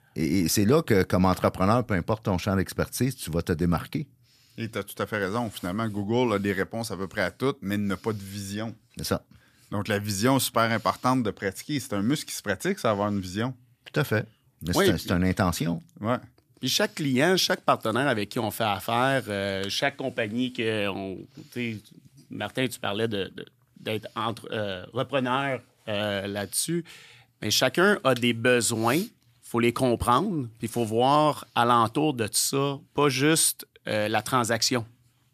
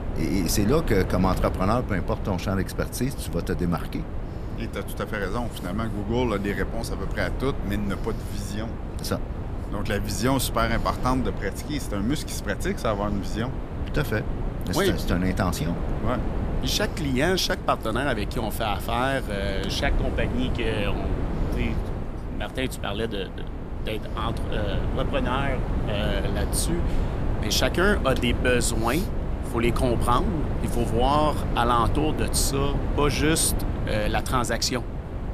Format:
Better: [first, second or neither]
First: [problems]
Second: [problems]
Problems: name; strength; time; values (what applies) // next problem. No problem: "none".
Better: first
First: none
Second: wind noise on the microphone; heavy; 10 dB below the speech